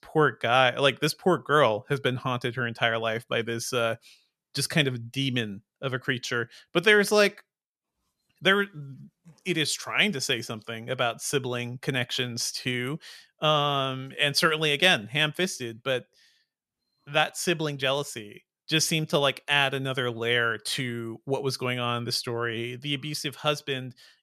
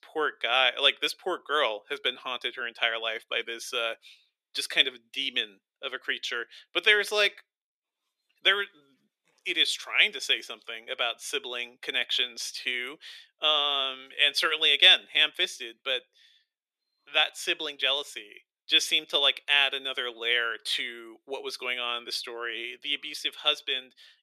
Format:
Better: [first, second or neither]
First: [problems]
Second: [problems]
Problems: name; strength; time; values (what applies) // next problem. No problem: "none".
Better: first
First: none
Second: thin; very; fading below 350 Hz